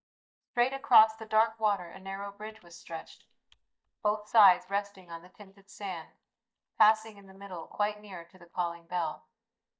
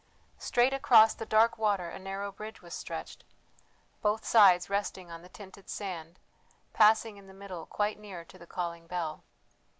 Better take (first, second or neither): second